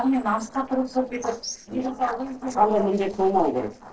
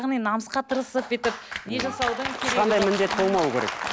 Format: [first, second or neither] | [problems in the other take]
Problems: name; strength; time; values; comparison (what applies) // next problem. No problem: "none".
second | noise reduction (neural separator model SepFormer DNS4)